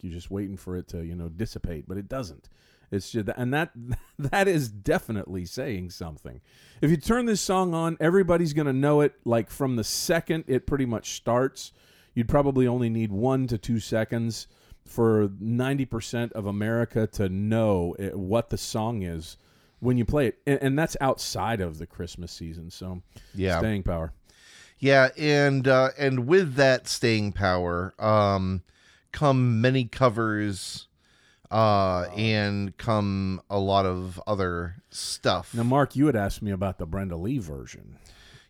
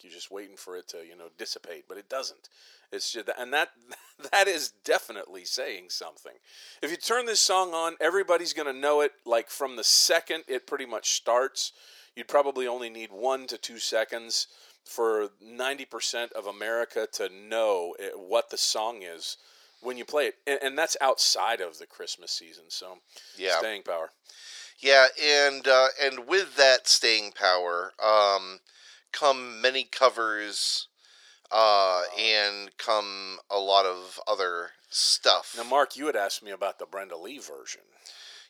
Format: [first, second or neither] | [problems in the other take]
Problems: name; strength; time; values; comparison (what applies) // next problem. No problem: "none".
first | thin; very; fading below 450 Hz